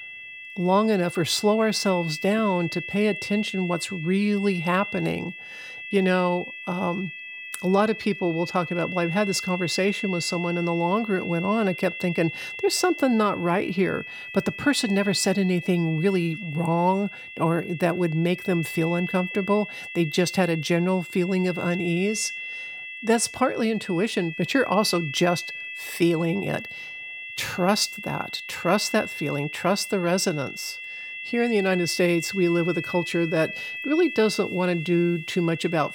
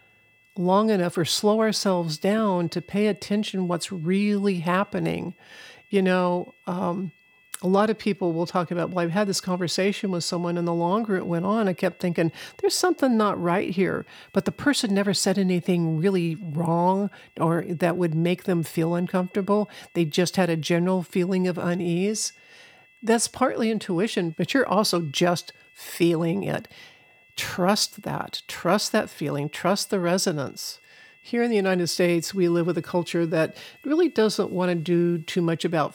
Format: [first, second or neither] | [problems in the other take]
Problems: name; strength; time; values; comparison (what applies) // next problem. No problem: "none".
second | high-pitched whine; loud; throughout; 2.5 kHz, 9 dB below the speech; faint in the second